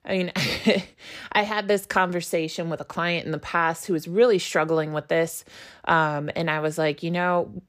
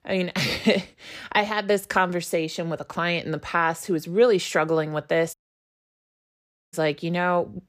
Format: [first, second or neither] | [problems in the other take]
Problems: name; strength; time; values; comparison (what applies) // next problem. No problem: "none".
first | audio cutting out; at 5.5 s for 1.5 s